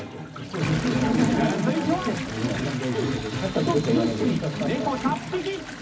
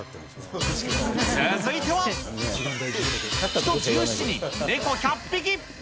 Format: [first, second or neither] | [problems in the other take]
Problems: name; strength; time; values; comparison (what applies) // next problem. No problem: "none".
second | background sound (Toilet flush); 13 dB below the speech // room echo; dies away in 0.4 s